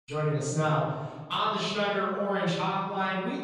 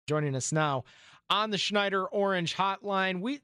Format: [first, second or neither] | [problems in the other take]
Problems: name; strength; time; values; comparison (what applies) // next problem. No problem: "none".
second | off-mic speech; far // room echo; strong; dies away in 1.4 s